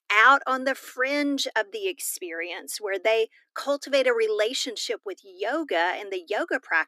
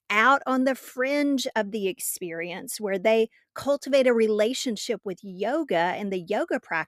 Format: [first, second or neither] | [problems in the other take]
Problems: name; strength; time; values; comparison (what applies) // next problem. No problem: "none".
second | thin; very slightly; fading below 300 Hz